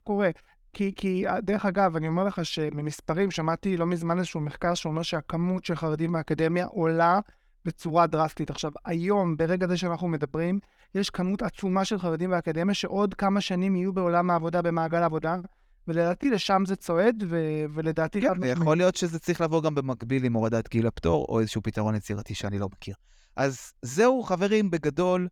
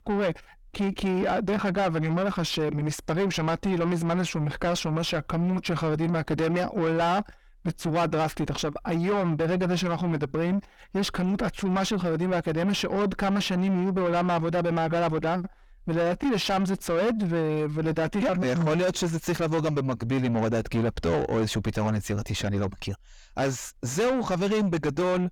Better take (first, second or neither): first